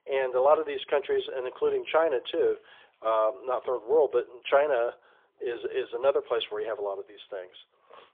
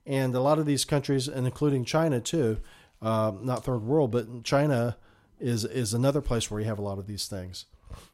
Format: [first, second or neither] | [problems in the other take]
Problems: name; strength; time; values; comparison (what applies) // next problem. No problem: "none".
second | phone-call audio; poor line; nothing above 3.5 kHz